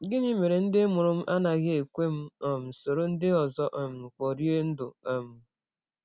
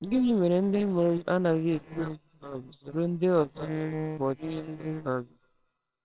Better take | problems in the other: first | noise reduction (neural separator model SepFormer WHAMR!)

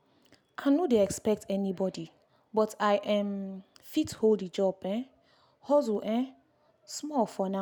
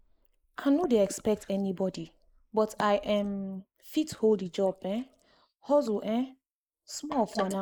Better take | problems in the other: first | noise reduction (neural mask model Resemble Enhance denoiser)

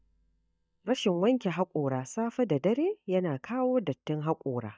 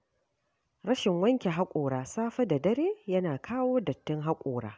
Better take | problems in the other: second | noise reduction (neural mask model DeepFilterNet 3)

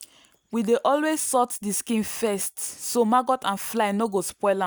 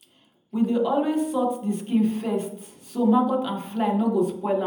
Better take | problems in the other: first | room echo; dies away in 0.8 s

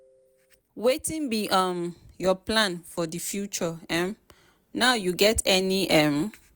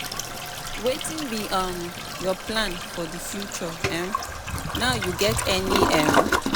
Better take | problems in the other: first | background sound (Toilet flush); 1 dB above the speech

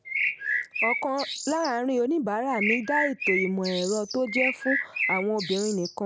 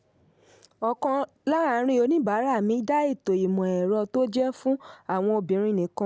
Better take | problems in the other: second | background sound (Bird); 2 dB below the speech

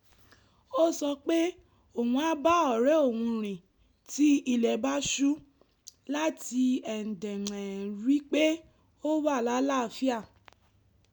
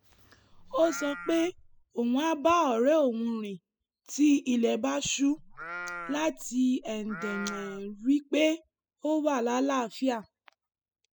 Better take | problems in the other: first | noise reduction (classical method spectral subtraction)

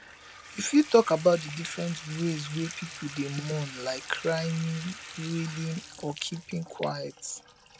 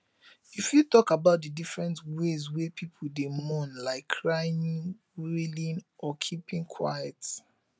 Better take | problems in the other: second | background sound (Bathtub (filling or washing) / Water tap, faucet); 14 dB below the speech

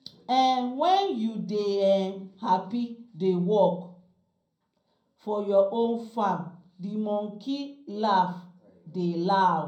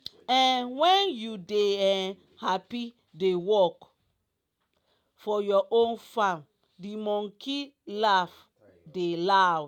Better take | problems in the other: second | room echo; dies away in 0.6 s

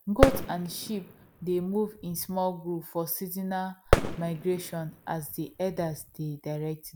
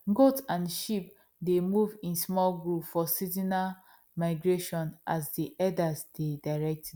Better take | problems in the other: second | background sound (Fireworks); as loud as the speech

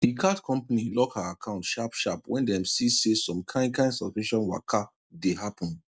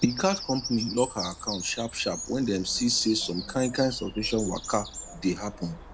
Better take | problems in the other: first | background sound (Bird vocalization, bird call, bird song); 10 dB below the speech

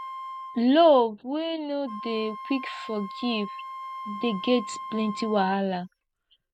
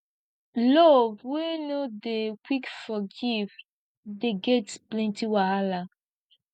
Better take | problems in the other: second | background sound (Wind instrument, woodwind instrument); 13 dB below the speech

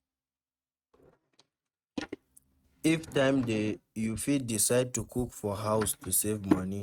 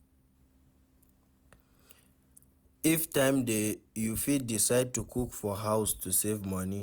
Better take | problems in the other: second | noise reduction (neural mask model RNNoise)

